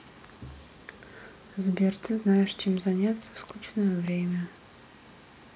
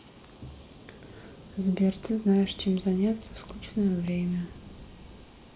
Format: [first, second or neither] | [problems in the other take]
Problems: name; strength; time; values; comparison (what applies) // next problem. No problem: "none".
first | background sound (Thunder / Rain); 18 dB below the speech // room echo; dies away in 0.5 s